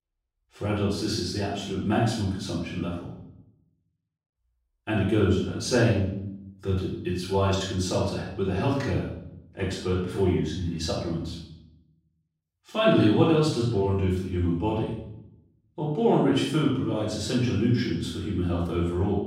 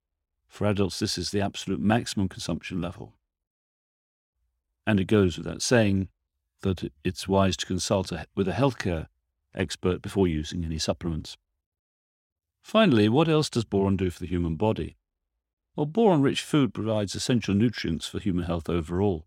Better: second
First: off-mic speech; far // room echo; noticeable; dies away in 0.7 s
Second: none

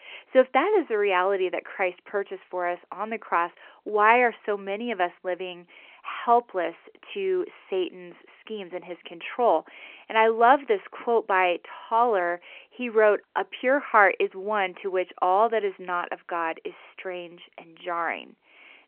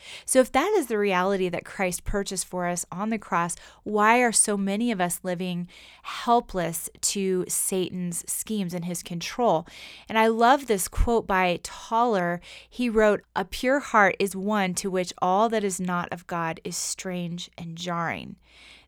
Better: second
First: phone-call audio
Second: none

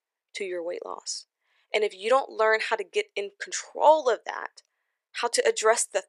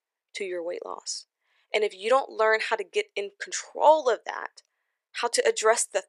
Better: neither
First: thin; very; fading below 450 Hz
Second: thin; very; fading below 450 Hz

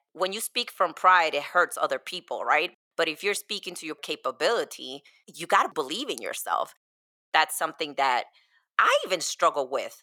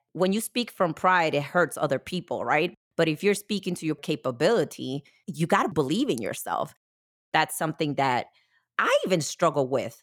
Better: second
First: thin; very; fading below 600 Hz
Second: none

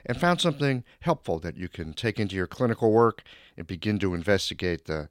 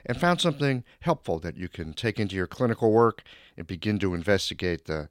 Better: neither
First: none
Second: none

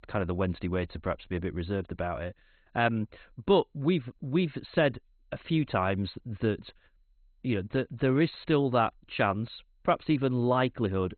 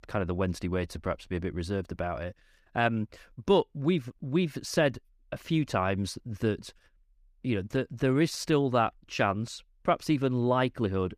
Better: second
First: garbled, watery; badly; nothing above 4 kHz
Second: none

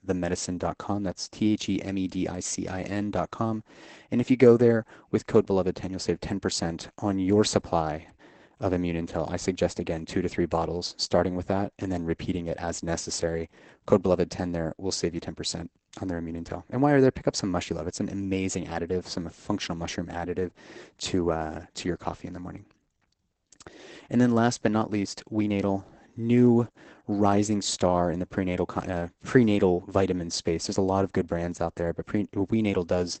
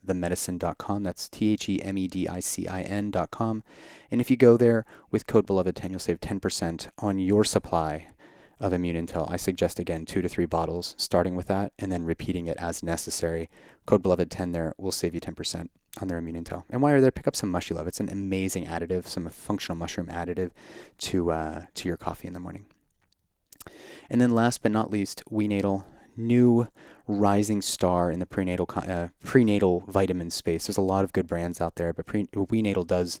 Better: second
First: garbled, watery; badly; nothing above 8 kHz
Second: garbled, watery; slightly

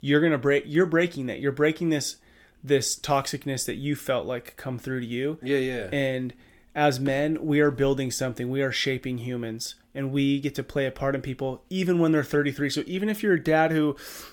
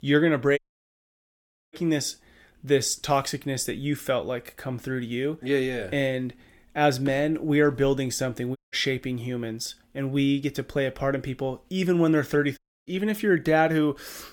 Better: first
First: none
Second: audio cutting out; at 0.5 s for 1 s, at 8.5 s and at 13 s

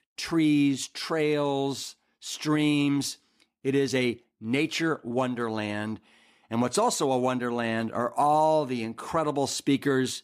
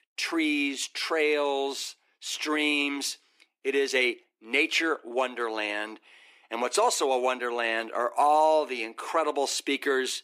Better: first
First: none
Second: thin; somewhat; fading below 350 Hz

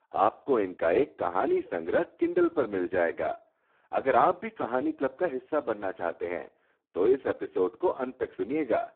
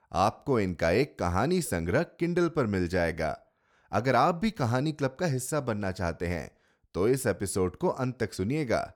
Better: second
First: phone-call audio; poor line; nothing above 3.5 kHz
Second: none

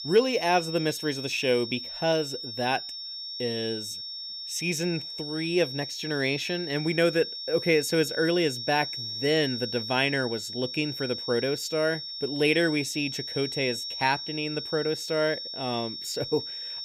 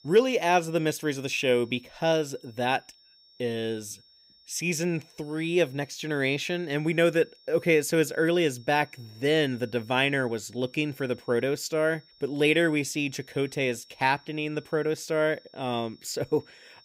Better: second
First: high-pitched whine; loud; throughout; 5.5 kHz, 6 dB below the speech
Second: high-pitched whine; faint; throughout; 5.5 kHz, 30 dB below the speech

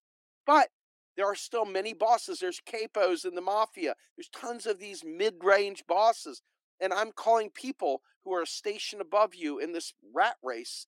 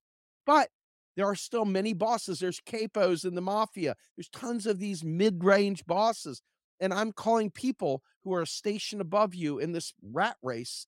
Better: second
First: thin; somewhat; fading below 300 Hz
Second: none

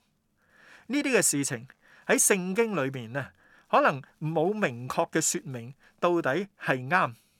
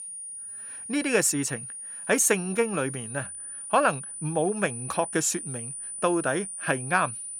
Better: first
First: none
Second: high-pitched whine; loud; throughout; 9.5 kHz, 9 dB below the speech

